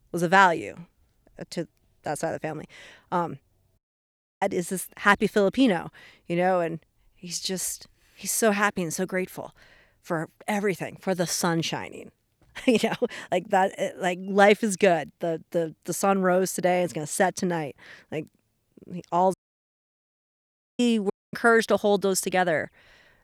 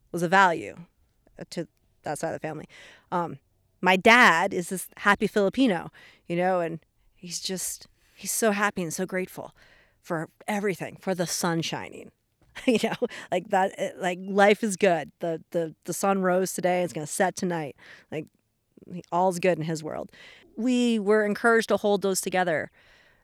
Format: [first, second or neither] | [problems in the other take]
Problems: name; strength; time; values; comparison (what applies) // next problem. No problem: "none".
second | audio cutting out; at 4 s for 0.5 s, at 19 s for 1.5 s and at 21 s